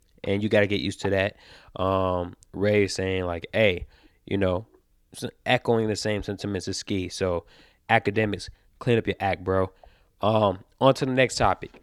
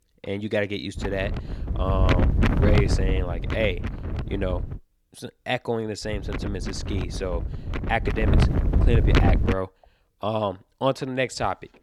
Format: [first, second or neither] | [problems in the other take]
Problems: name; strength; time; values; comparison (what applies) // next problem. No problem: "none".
first | wind noise on the microphone; heavy; from 1 to 5 s and from 6 to 9.5 s; 3 dB below the speech